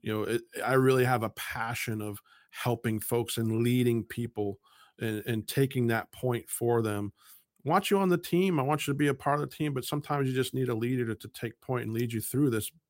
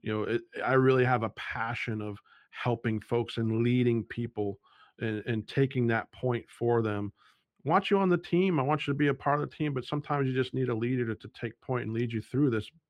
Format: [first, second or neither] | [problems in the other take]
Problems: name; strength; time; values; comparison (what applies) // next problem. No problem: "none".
first | muffled; slightly; fading above 2.5 kHz